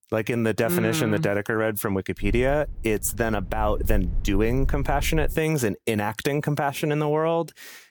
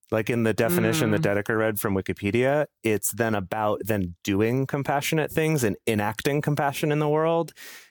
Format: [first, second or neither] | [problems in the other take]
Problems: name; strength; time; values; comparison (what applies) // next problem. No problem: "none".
second | low rumble; faint; from 2 to 5.5 s; 25 dB below the speech